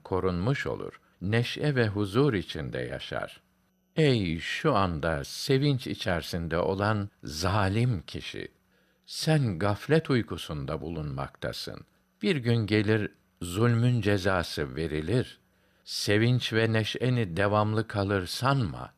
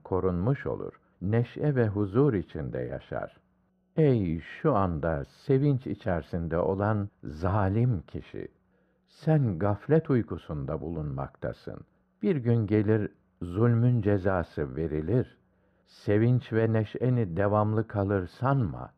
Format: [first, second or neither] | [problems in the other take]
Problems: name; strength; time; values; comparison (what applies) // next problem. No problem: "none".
first | muffled; very; fading above 2.5 kHz